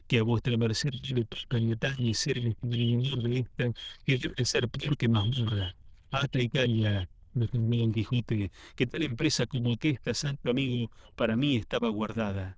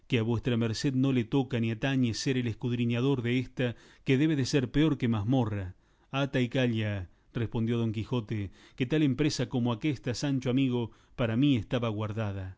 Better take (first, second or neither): second